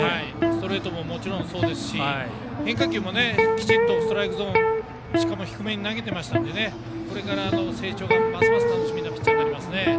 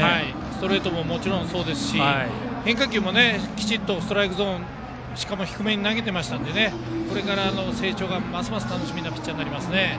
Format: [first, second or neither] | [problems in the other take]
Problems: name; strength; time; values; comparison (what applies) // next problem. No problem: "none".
second | background sound (Electric guitar); 4 dB above the speech